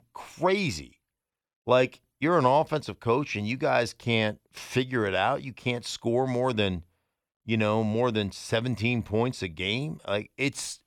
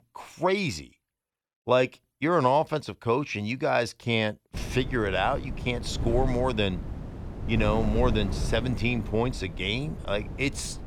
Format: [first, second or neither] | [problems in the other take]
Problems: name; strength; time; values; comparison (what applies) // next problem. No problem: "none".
first | wind noise on the microphone; occasional gusts; from 4.5 s on; 15 dB below the speech